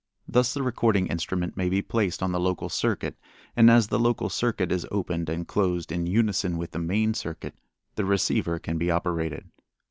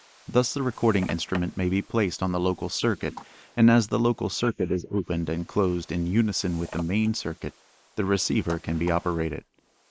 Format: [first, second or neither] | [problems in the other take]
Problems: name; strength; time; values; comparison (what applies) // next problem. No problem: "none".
first | noise reduction (neural mask model Resemble Enhance denoiser)